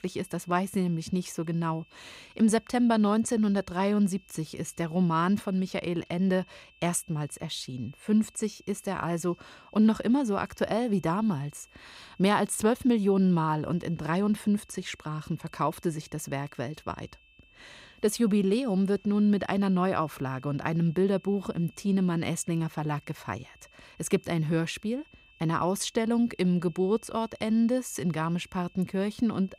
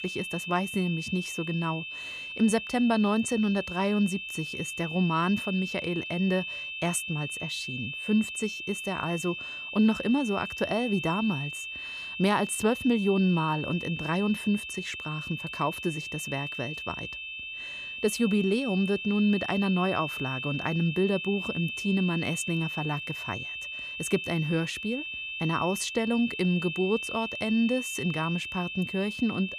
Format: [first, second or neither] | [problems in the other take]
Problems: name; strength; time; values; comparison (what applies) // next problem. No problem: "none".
first | high-pitched whine; loud; throughout; 2.5 kHz, 5 dB below the speech; faint in the first